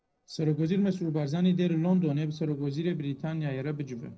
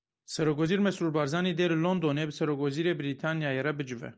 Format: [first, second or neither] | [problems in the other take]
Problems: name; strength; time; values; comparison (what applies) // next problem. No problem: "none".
second | noise reduction (neural separator model SepFormer DNS4)